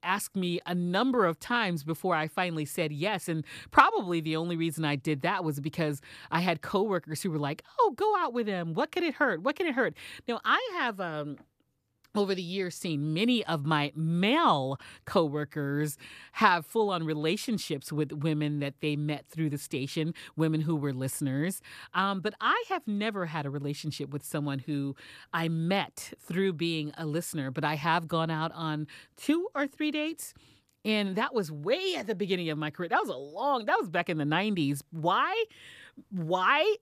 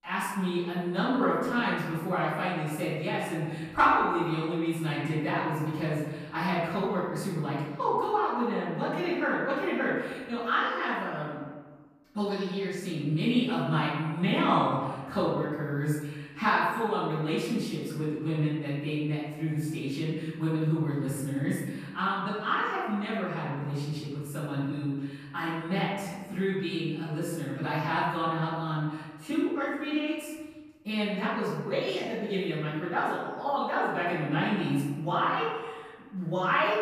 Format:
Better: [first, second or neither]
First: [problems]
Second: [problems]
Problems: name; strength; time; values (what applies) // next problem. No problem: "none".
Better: first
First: none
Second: off-mic speech; far // room echo; strong; dies away in 1.2 s